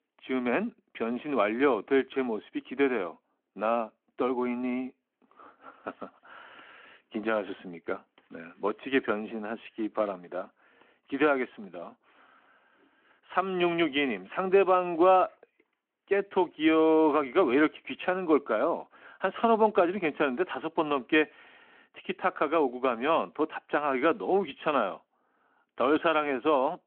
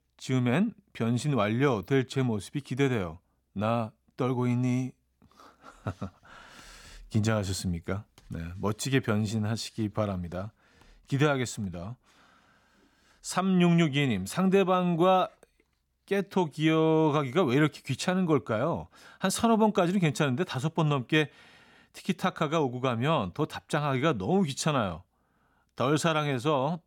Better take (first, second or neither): second